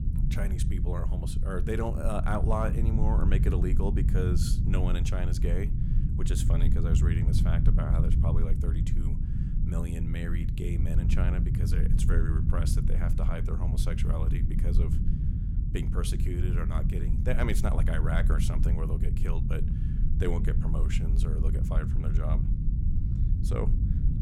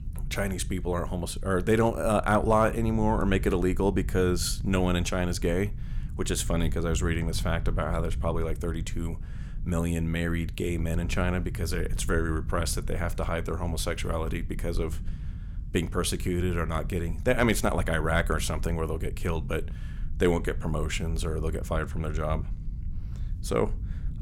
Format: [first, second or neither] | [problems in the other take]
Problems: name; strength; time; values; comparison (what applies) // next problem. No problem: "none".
second | low rumble; loud; throughout; 4 dB below the speech; faint in the second